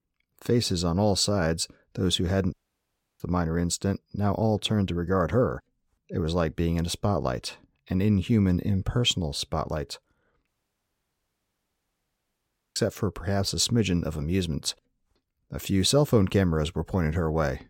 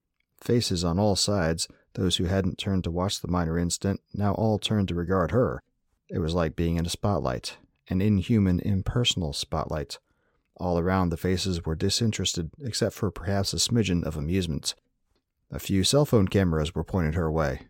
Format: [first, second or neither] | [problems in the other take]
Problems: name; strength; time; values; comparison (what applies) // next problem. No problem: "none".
second | audio cutting out; at 2.5 s for 0.5 s and at 10 s for 2.5 s